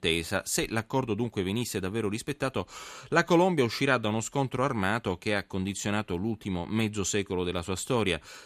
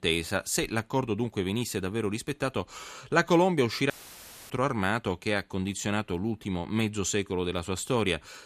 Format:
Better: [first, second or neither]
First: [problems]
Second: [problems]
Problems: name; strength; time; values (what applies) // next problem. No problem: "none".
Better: first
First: none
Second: audio cutting out; filled with static; at 4 s for 0.5 s